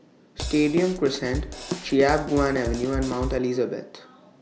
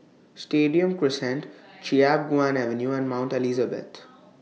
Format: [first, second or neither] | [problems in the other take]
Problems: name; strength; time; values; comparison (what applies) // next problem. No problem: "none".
second | background sound (Drum kit); 7 dB below the speech